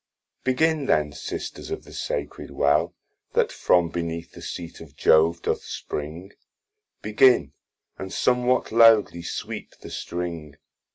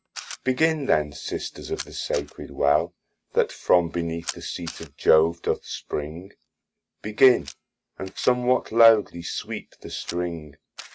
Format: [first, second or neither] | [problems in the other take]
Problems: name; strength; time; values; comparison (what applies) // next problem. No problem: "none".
first | noise reduction (neural mask model RNNoise)